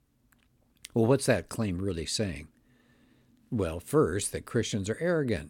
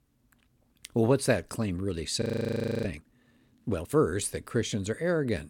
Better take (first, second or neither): first